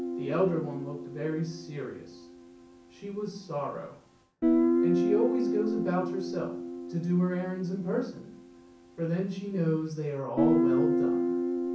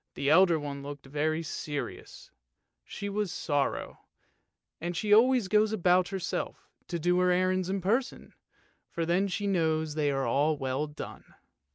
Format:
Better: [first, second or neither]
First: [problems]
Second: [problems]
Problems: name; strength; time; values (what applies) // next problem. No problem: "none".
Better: second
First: background sound (Guitar); 2 dB above the speech // room echo; dies away in 0.6 s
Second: none